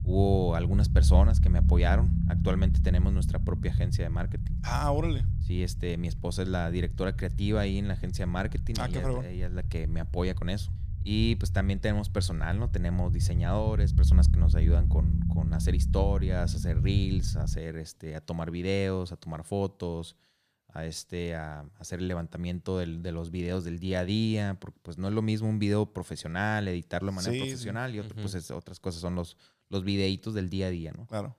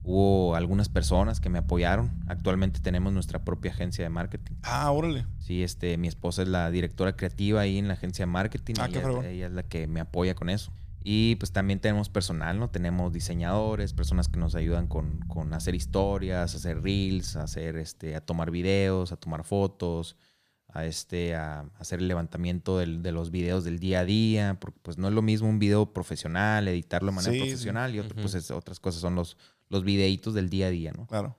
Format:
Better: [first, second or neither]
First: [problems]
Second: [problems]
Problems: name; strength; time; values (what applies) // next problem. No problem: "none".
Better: second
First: low rumble; loud; until 18 s; 9 dB below the speech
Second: low rumble; faint; until 18 s; 20 dB below the speech